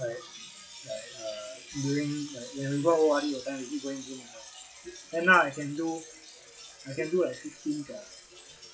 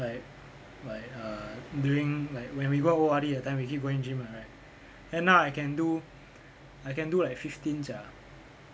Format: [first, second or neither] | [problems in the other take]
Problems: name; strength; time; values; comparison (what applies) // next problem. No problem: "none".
second | noise reduction (classical method WPE with log-MMSE)